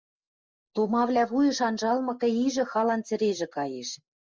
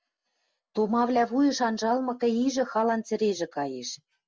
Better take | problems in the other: second | noise reduction (neural mask model Resemble Enhance denoiser)

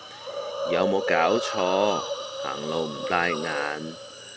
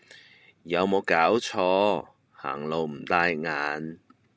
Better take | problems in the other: second | background sound (Hiss); 3 dB below the speech

